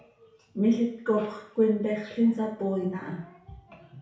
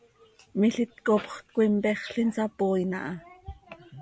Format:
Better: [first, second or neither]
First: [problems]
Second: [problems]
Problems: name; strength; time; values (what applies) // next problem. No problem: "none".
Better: second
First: room echo; dies away in 0.6 s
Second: none